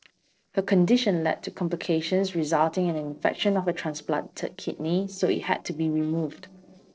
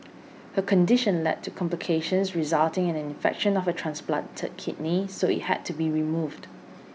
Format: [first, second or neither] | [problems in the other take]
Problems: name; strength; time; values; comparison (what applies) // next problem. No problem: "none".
second | noise reduction (neural separator model SepFormer DNS4)